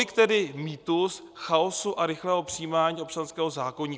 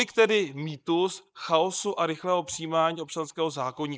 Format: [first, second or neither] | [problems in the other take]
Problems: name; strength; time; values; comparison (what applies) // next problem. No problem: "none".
first | noise reduction (neural mask model Resemble Enhance denoiser)